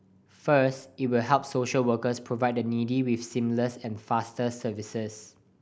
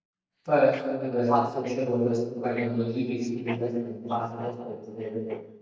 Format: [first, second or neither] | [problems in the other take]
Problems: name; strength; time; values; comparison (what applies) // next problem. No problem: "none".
first | noise reduction (neural mask model DeepFilterNet 3)